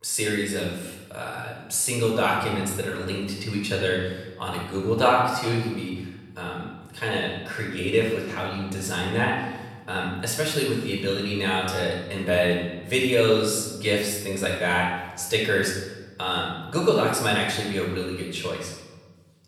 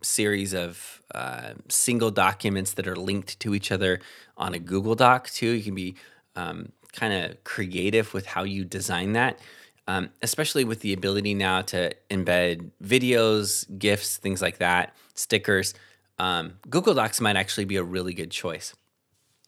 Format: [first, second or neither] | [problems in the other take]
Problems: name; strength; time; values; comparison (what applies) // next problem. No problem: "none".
second | off-mic speech; far // room echo; noticeable; dies away in 1 s